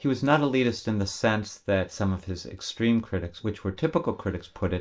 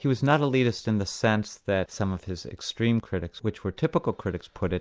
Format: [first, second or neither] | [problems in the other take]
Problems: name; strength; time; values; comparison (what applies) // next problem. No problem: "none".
second | room echo; dies away in 0.2 s